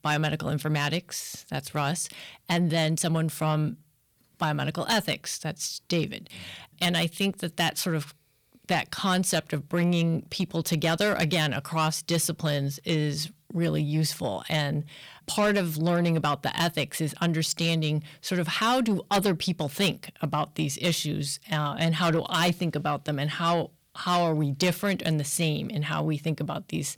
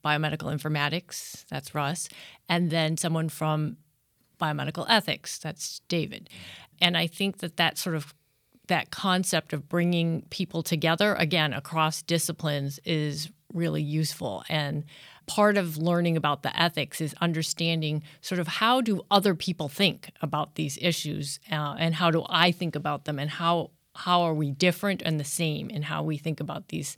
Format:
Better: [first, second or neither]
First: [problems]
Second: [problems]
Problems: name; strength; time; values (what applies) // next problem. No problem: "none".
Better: second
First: distortion; slight; 10 dB below the speech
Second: none